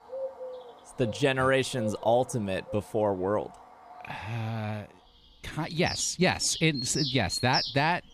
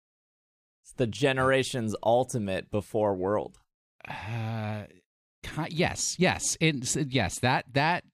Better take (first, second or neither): second